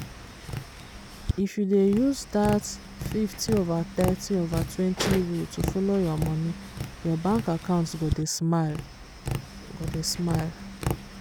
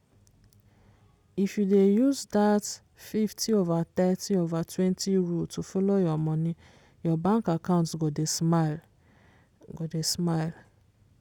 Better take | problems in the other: second | background sound (Tap); 7 dB below the speech

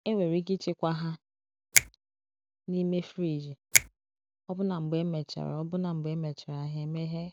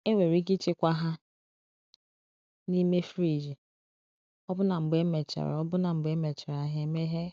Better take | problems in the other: second | background sound (Finger snapping); as loud as the speech

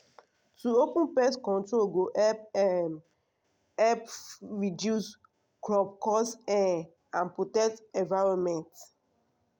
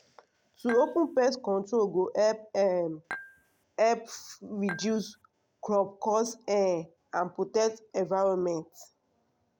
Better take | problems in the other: first | background sound (Dishes, pots, and pans / Chink, clink); 12 dB below the speech

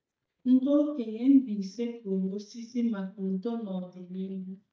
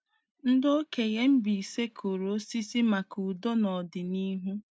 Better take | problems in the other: second | noise reduction (neural mask model DeepFilterNet 3)

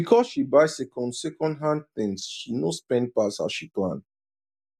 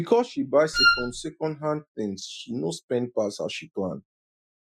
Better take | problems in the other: first | noise reduction (classical method Wiener filter)

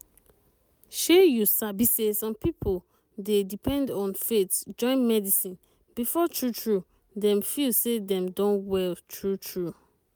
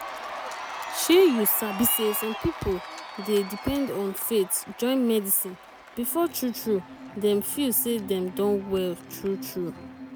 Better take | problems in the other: first | background sound (Cheering); 12 dB below the speech

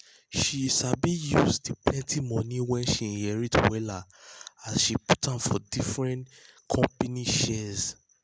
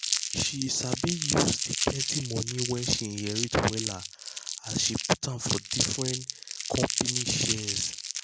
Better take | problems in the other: first | background sound (Crumpling, crinkling); 1 dB below the speech

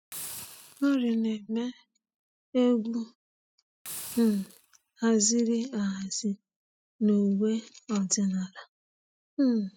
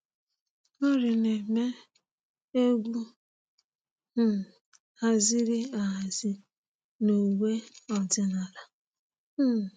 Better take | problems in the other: second | noise reduction (classical method spectral subtraction)

